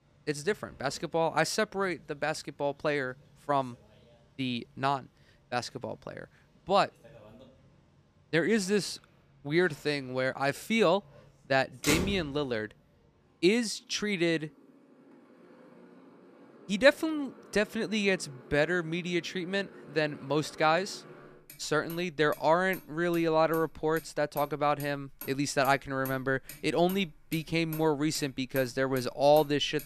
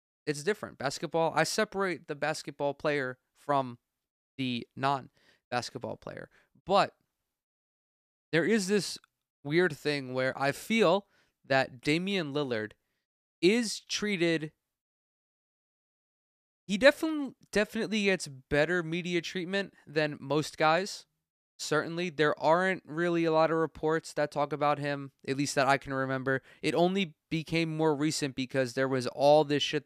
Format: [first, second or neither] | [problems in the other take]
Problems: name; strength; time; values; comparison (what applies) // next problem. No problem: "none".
second | traffic noise; noticeable; throughout; 15 dB below the speech